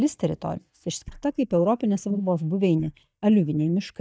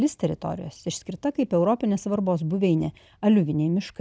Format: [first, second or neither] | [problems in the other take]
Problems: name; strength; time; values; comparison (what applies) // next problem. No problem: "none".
second | noise reduction (neural mask model DeepFilterNet 3)